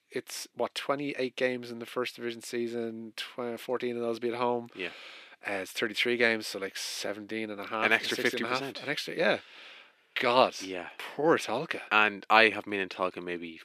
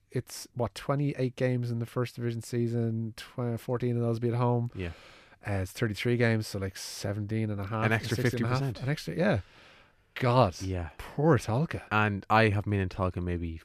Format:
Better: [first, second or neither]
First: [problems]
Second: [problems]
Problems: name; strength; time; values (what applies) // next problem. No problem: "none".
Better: second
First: thin; somewhat; fading below 300 Hz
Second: none